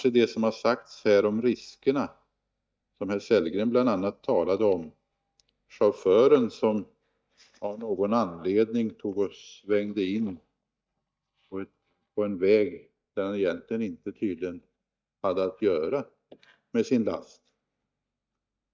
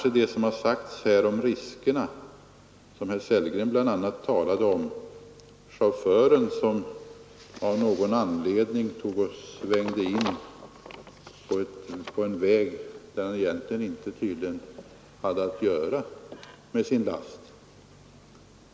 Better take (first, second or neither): second